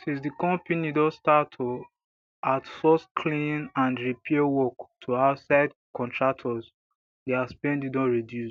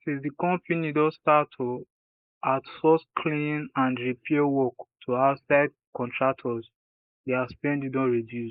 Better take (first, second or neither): first